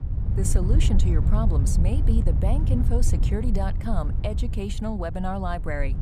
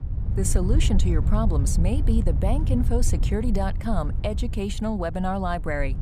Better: second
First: wind noise on the microphone; heavy; 7 dB below the speech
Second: wind noise on the microphone; occasional gusts; 10 dB below the speech

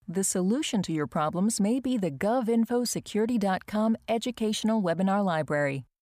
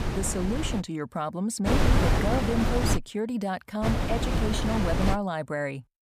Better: first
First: none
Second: wind noise on the microphone; heavy; at the start, from 1.5 to 3 s and from 4 to 5 s; as loud as the speech

